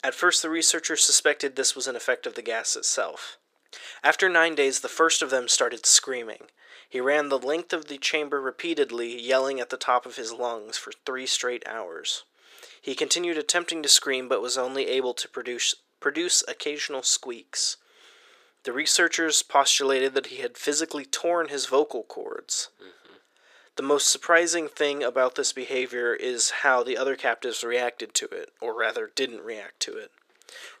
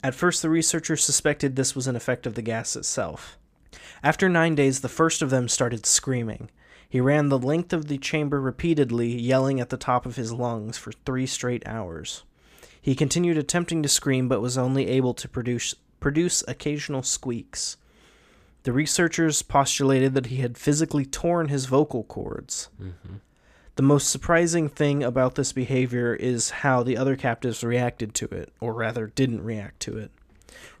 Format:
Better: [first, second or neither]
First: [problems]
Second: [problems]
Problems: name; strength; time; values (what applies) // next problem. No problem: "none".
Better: second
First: thin; very; fading below 400 Hz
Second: none